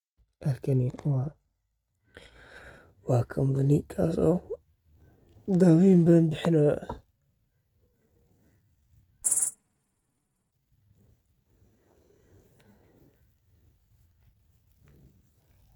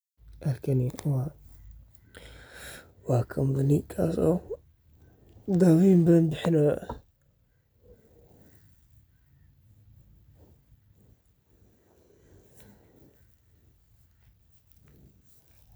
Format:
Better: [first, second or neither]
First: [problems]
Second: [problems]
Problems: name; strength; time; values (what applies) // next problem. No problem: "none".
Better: second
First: noise reduction (neural mask model RNNoise)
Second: none